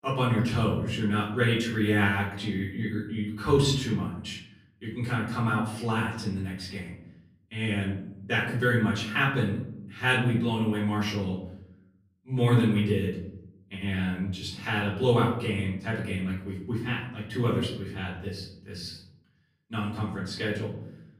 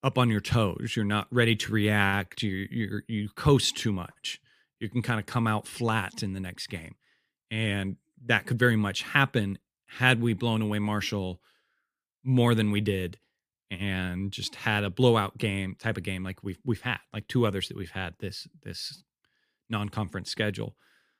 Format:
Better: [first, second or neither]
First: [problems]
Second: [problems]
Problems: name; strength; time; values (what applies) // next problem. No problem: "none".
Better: second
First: off-mic speech; far // room echo; noticeable; dies away in 0.8 s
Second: none